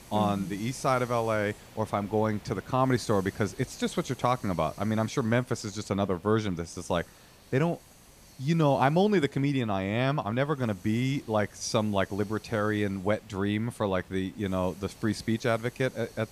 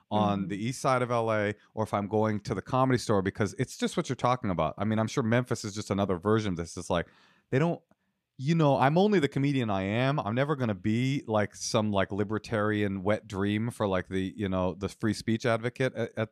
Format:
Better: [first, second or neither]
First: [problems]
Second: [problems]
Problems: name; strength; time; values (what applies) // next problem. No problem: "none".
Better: second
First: hiss; faint; throughout; 20 dB below the speech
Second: none